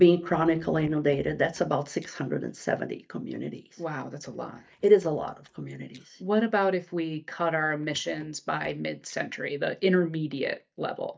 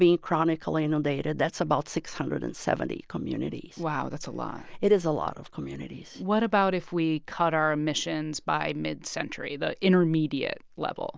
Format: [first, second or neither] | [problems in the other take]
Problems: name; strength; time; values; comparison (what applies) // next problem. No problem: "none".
second | noise reduction (neural mask model DeepFilterNet 3)